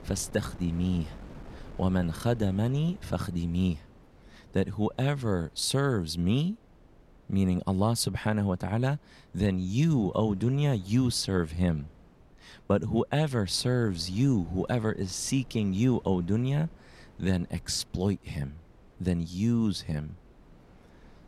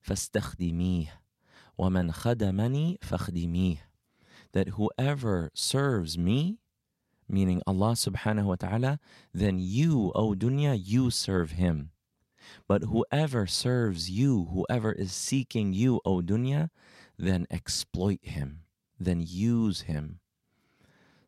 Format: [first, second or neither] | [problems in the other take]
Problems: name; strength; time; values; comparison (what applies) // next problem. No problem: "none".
second | wind noise on the microphone; occasional gusts; 25 dB below the speech